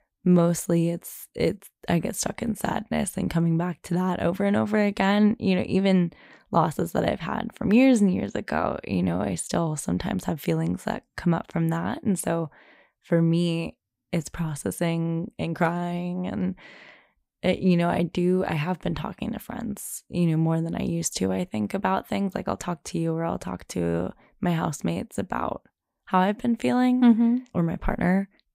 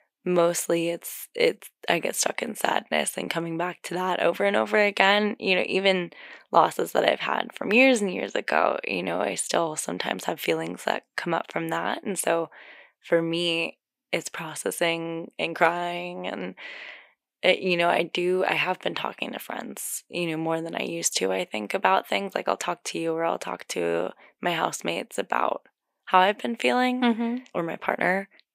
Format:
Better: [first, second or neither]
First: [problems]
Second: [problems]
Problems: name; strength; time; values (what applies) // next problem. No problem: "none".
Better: first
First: none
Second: thin; somewhat; fading below 450 Hz